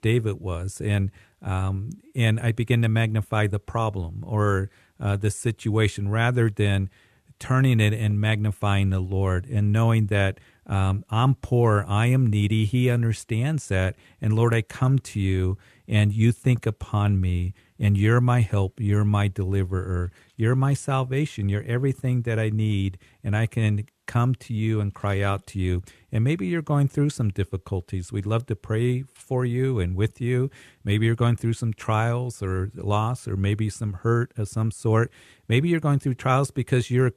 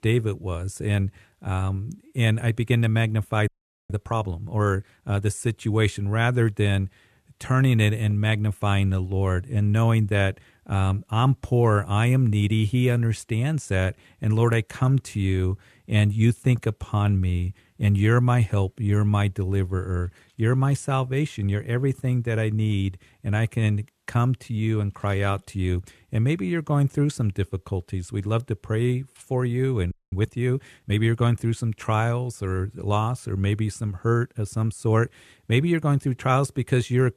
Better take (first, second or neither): first